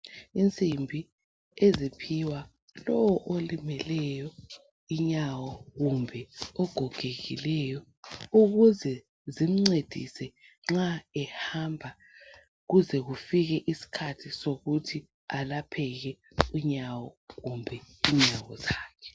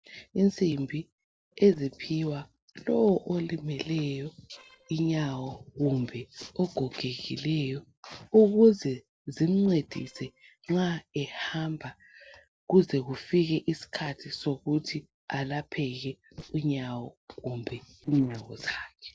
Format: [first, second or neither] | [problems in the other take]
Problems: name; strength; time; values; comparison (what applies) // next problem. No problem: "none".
first | noise reduction (neural separator model SepFormer DNS4)